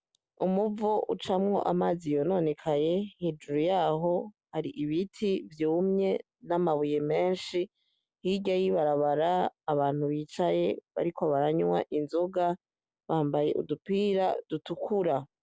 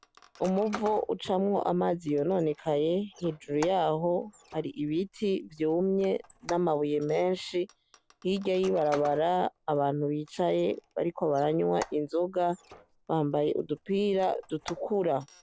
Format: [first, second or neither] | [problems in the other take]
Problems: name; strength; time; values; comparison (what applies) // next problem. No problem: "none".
first | background sound (Squeak); 20 dB below the speech